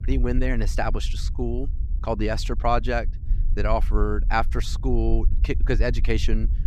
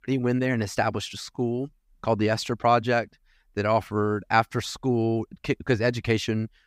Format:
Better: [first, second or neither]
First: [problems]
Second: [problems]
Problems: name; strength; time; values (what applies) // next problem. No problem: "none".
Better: second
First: low rumble; faint; throughout; 20 dB below the speech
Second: none